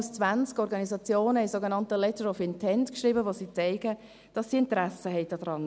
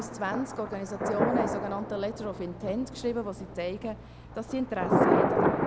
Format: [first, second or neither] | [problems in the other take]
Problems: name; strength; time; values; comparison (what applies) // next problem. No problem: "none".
first | background sound (Thunder); 3 dB above the speech